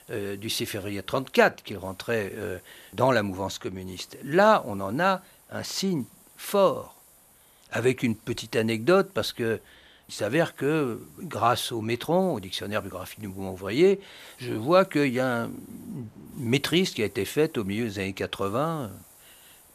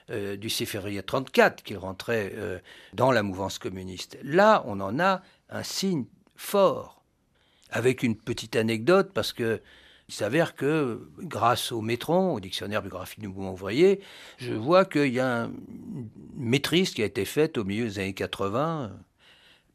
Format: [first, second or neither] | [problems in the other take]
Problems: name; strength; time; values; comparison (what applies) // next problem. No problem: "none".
second | hiss; faint; throughout; 25 dB below the speech